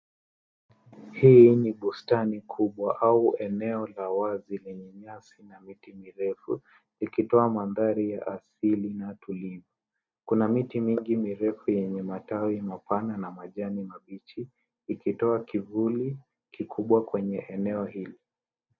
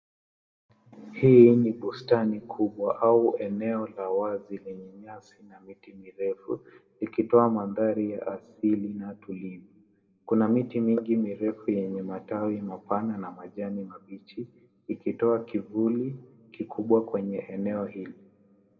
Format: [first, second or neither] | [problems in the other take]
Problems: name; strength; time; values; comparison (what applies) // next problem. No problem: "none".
first | room echo; dies away in 1.2 s